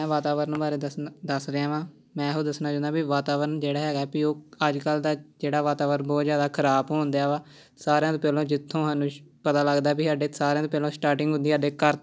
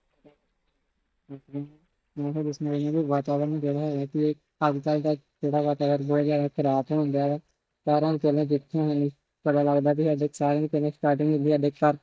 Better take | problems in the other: first | noise reduction (neural mask model DeepFilterNet 3)

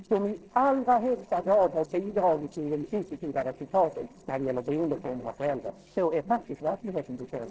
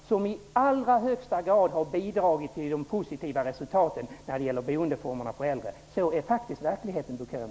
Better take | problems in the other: second | noise reduction (neural separator model SepFormer DNS4)

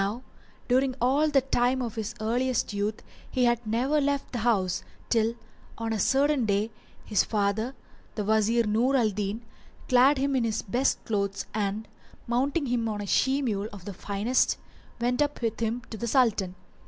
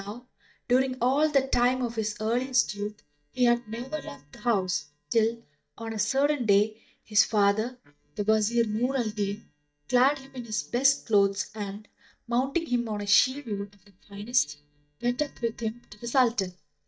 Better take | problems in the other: first | noise reduction (neural mask model DeepFilterNet 3)

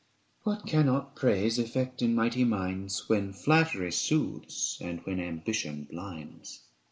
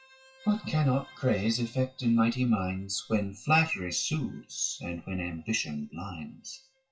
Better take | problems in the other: first | noise reduction (classical method WPE with log-MMSE)

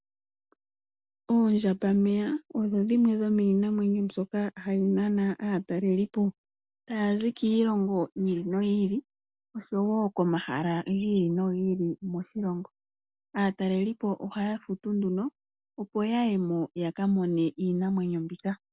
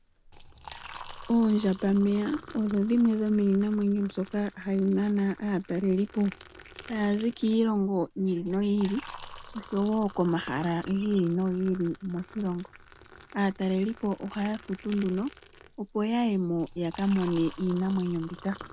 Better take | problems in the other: first | background sound (Liquid); 19 dB below the speech

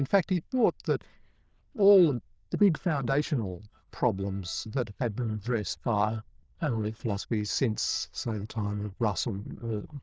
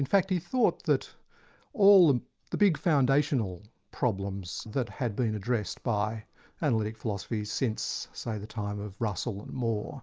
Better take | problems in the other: second | noise reduction (neural diffusion model UNIVERSE++)

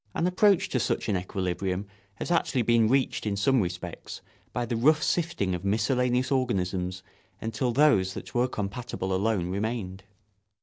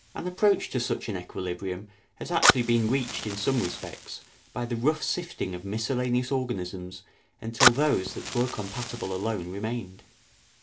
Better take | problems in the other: first | background sound (Fire); 4 dB below the speech // room echo; dies away in 0.2 s

